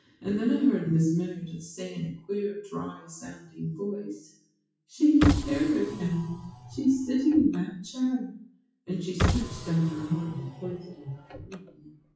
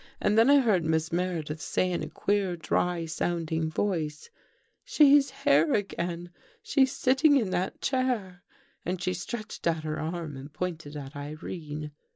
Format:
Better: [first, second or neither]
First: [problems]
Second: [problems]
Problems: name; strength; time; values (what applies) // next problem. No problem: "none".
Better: second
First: noise reduction (classical method WPE with log-MMSE)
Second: none